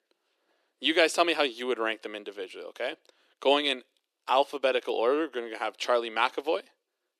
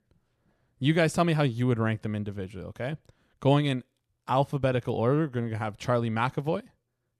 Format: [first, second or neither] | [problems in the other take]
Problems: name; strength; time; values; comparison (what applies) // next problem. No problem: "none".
second | thin; very; fading below 350 Hz